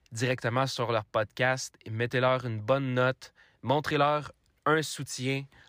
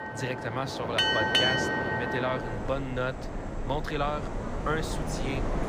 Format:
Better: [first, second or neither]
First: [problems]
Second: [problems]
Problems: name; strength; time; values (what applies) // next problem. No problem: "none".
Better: first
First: none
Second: train or aircraft noise; very loud; throughout; 3 dB above the speech